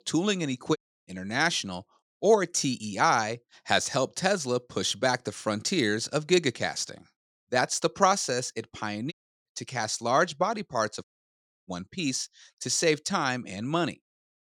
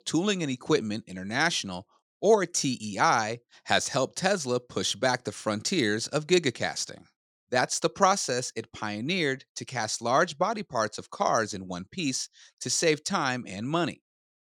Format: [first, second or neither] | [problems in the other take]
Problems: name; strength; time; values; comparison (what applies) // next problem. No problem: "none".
second | audio cutting out; at 1 s, at 9 s and at 11 s for 0.5 s